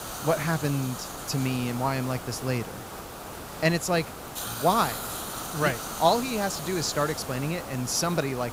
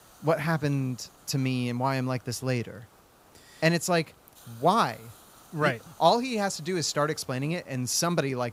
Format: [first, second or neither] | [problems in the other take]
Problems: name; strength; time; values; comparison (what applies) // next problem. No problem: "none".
second | hiss; loud; throughout; 8 dB below the speech; faint in the second